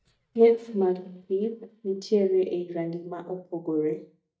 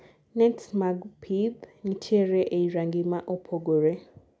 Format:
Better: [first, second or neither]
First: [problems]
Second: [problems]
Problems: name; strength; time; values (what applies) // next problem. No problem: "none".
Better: second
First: noise reduction (neural mask model DeepFilterNet 3)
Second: none